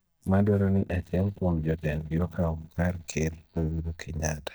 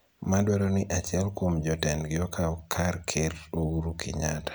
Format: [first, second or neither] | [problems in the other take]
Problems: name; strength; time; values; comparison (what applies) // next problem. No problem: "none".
second | noise reduction (neural mask model DeepFilterNet 3)